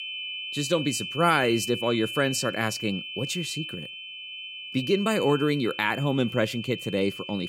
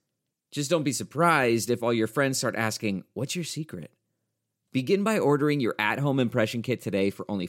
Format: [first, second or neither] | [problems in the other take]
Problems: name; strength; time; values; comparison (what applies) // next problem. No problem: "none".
second | high-pitched whine; loud; throughout; 3 kHz, 8 dB below the speech